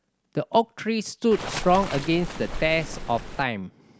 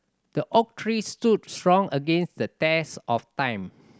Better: second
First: background sound (Waves, surf); 8 dB below the speech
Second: none

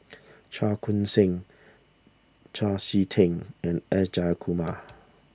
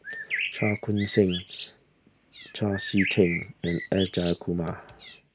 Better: first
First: none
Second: noise reduction (neural mask model Resemble Enhance denoiser)

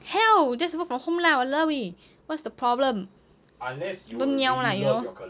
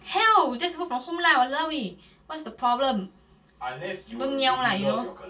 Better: first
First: none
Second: room echo; dies away in 0.2 s

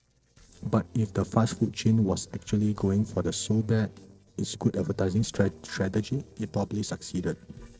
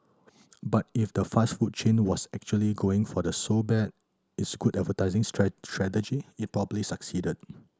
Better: second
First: noise reduction (neural separator model SepFormer DNS4)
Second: none

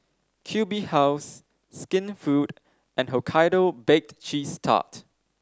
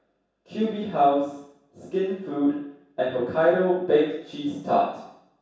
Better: first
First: none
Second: room echo; dies away in 0.7 s

